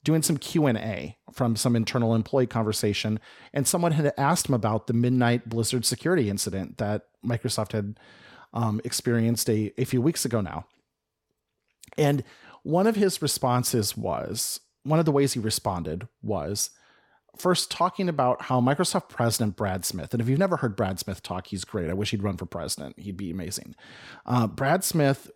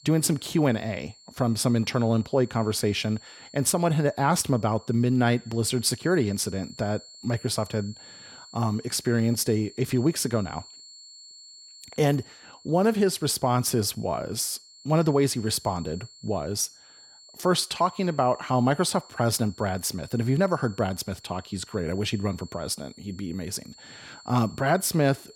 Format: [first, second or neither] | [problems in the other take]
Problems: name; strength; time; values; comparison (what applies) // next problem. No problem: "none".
first | high-pitched whine; faint; throughout; 4.5 kHz, 20 dB below the speech